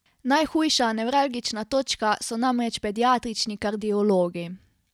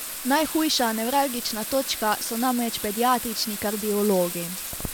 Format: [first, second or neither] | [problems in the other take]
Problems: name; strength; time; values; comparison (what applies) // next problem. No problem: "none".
first | background sound (Bathtub (filling or washing)); 8 dB below the speech